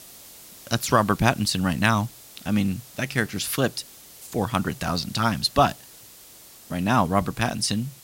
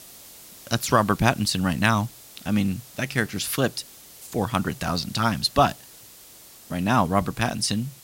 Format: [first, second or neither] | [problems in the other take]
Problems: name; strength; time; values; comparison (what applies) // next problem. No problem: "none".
neither | hiss; noticeable; throughout; 20 dB below the speech; the same in both